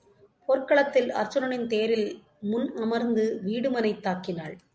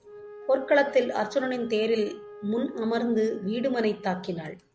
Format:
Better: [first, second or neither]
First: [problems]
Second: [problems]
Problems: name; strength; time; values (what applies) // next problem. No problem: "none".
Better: first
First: none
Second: background sound (Wind instrument, woodwind instrument); 17 dB below the speech